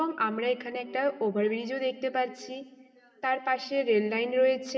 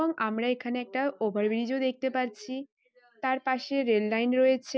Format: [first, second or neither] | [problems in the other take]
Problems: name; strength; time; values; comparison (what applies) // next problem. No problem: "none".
second | room echo; dies away in 1.6 s